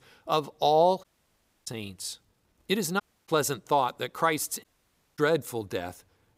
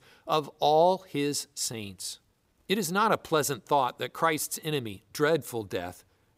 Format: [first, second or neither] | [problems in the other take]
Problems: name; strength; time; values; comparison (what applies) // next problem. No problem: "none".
second | audio cutting out; at 1 s for 0.5 s, at 3 s and at 4.5 s for 0.5 s